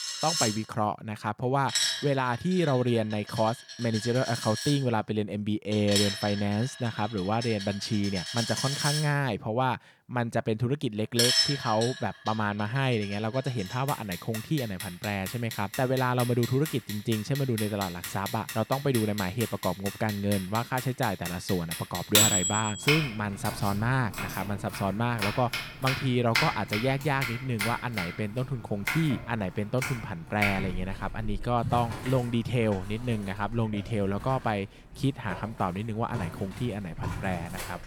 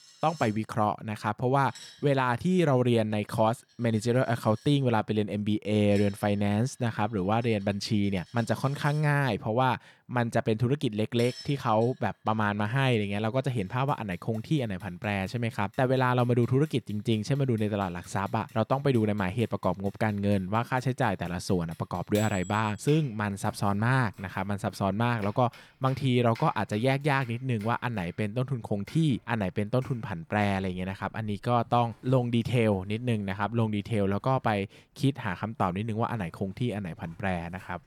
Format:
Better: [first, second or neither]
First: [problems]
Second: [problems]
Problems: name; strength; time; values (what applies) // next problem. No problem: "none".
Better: second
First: household noises; loud; throughout; 3 dB below the speech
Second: household noises; faint; throughout; 25 dB below the speech